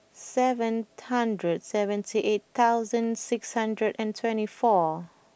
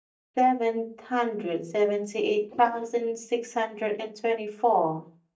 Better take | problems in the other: first | noise reduction (neural mask model DeepFilterNet 3)

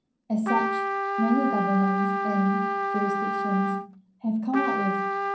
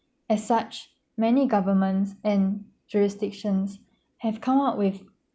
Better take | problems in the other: second | background sound (Trumpet); as loud as the speech // room echo; dies away in 0.6 s

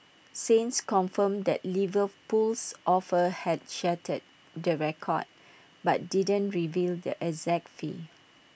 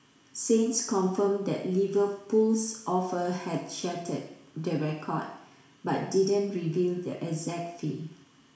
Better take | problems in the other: first | room echo; dies away in 0.7 s

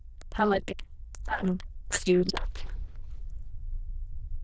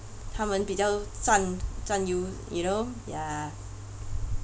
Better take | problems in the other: second | noise reduction (neural diffusion model UNIVERSE++)

